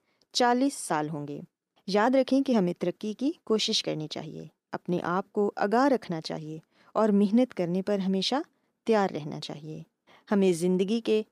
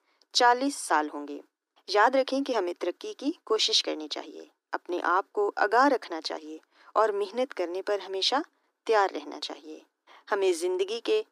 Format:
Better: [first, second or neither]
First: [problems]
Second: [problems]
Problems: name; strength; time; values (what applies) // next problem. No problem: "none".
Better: first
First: none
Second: thin; somewhat; fading below 300 Hz